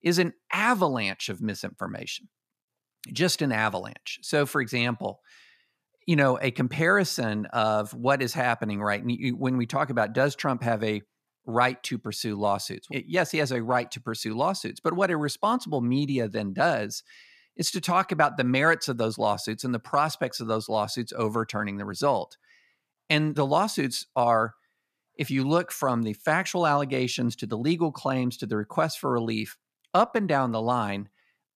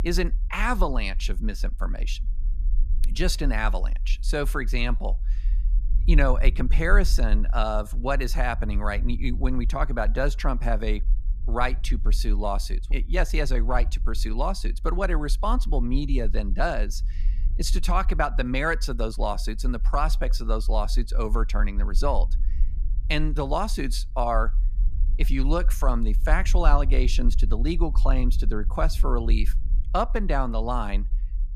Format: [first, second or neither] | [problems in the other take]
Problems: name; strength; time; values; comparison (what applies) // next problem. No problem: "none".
first | low rumble; faint; throughout; 25 dB below the speech